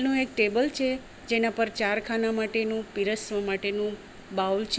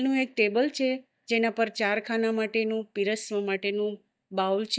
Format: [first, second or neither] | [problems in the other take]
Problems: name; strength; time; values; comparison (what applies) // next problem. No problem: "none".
first | noise reduction (neural mask model DeepFilterNet 3)